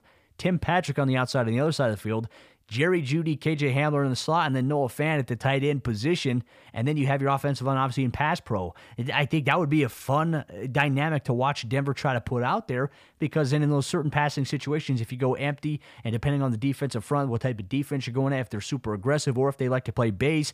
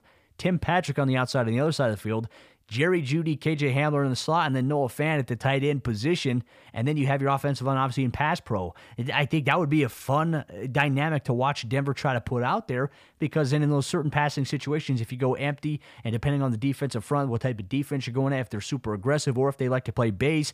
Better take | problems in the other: neither | none

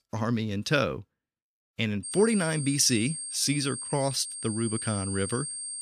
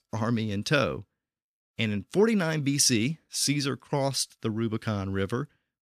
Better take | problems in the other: second | high-pitched whine; loud; from 2 s on; 8.5 kHz, 6 dB below the speech

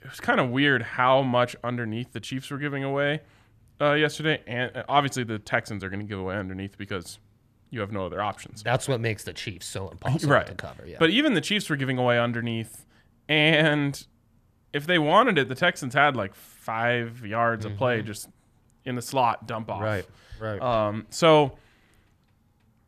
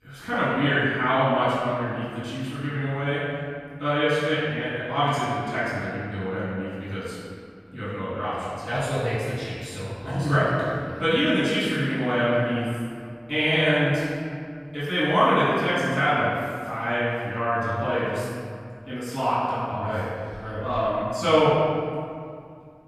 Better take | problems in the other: first | off-mic speech; far // room echo; strong; dies away in 2.1 s

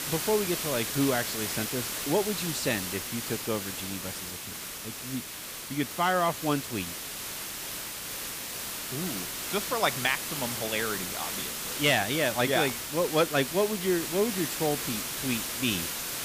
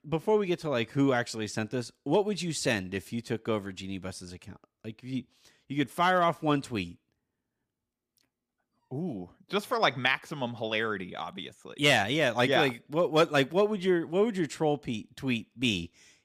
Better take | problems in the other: second | hiss; loud; throughout; 3 dB below the speech

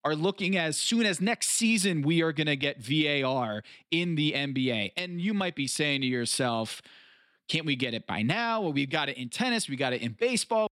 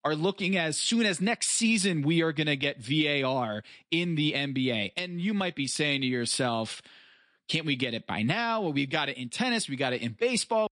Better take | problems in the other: first | garbled, watery; slightly

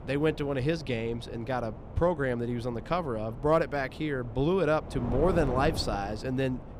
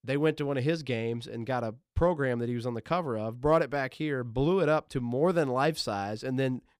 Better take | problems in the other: second | wind noise on the microphone; occasional gusts; 15 dB below the speech

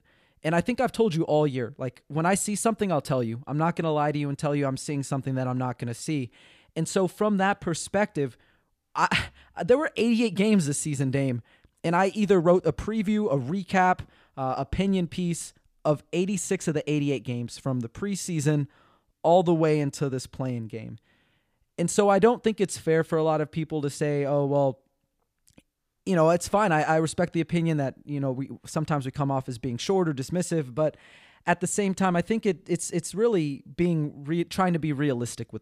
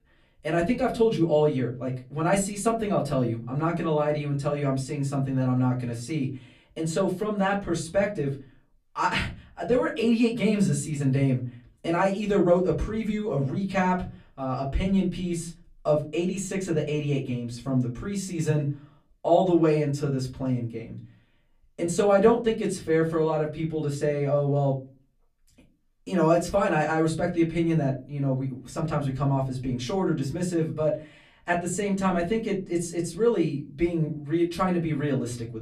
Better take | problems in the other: first | off-mic speech; far // room echo; very slight; dies away in 0.3 s

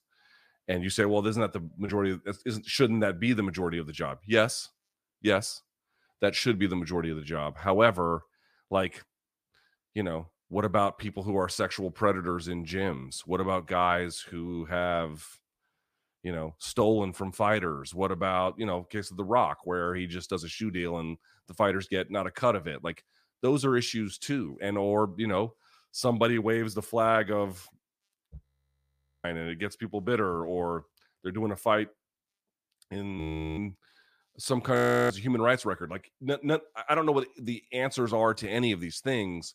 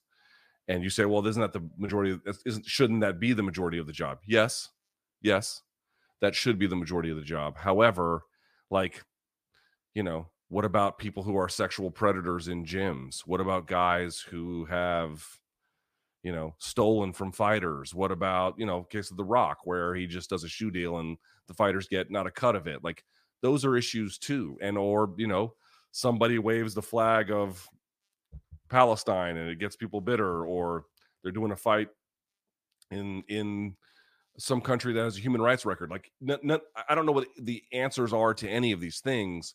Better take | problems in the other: second | audio freezing; at 28 s for 1 s, at 33 s and at 35 s

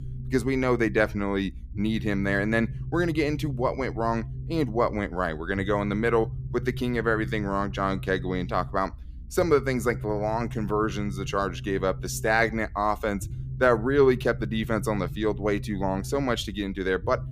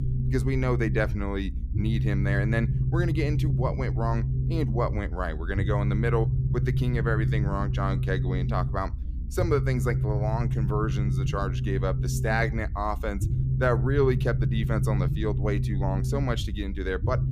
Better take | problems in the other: first | low rumble; loud; throughout; 8 dB below the speech; faint in the first

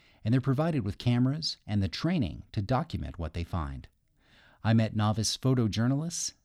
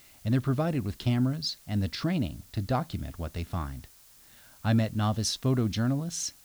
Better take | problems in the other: first | hiss; faint; throughout; 25 dB below the speech

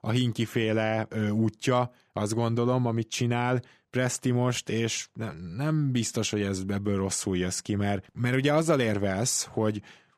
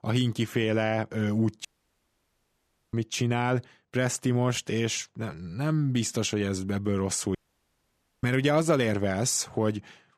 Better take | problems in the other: first | audio cutting out; at 1.5 s for 1.5 s and at 7.5 s for 1 s

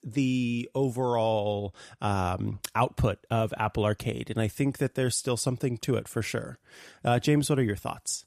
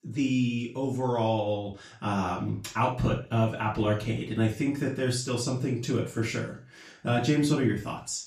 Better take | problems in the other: first | room echo; noticeable; dies away in 0.3 s // off-mic speech; far

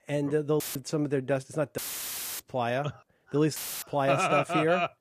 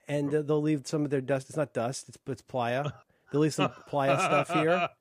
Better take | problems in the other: second | audio cutting out; filled with static; at 0.5 s, at 2 s for 0.5 s and at 3.5 s

